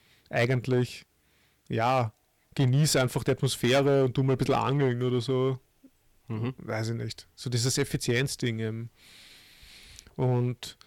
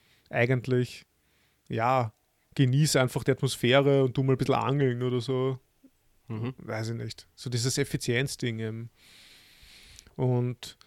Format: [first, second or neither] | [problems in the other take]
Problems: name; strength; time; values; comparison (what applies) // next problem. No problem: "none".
second | distortion; slight; 5% of the sound clipped